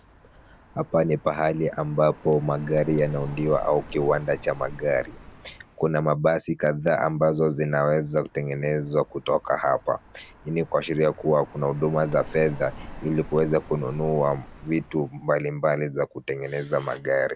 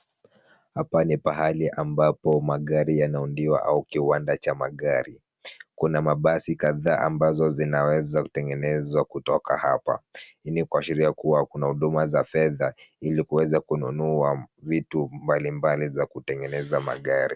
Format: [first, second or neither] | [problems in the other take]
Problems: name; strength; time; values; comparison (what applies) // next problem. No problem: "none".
second | background sound (Car passing by); 19 dB below the speech